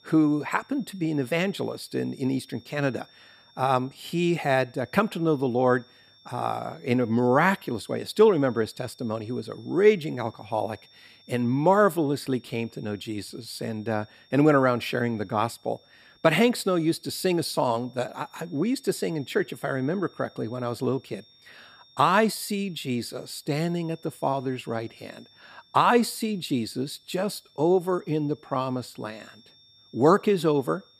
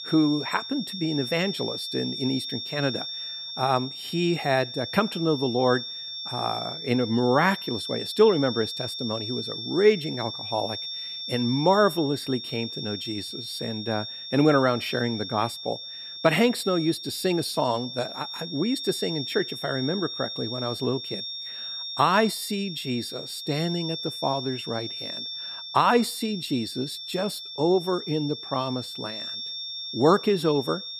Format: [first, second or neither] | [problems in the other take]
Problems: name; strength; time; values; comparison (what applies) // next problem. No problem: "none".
first | high-pitched whine; loud; throughout; 3.5 kHz, 7 dB below the speech; faint in the first